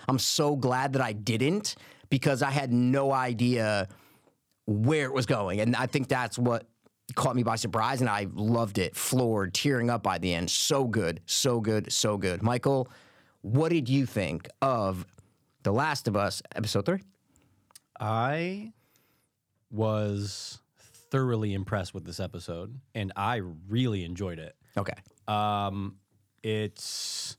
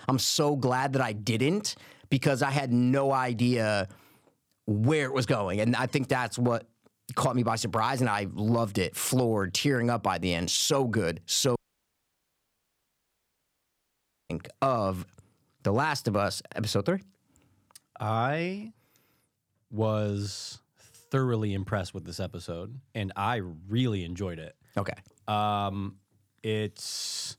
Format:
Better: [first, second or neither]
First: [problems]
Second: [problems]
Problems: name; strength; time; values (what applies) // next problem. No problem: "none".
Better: first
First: none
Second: audio cutting out; at 12 s for 2.5 s